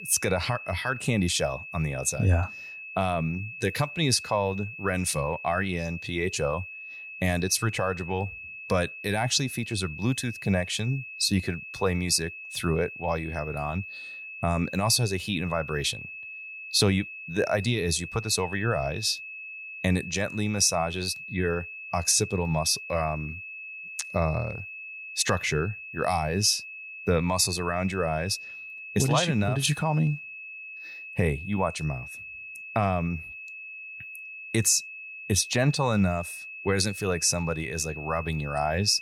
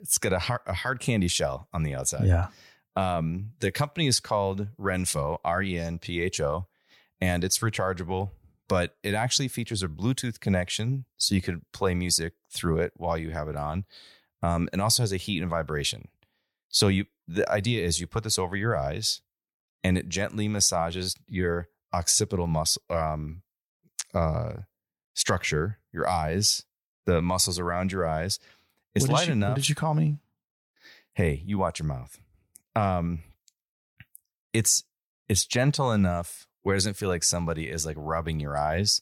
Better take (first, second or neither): second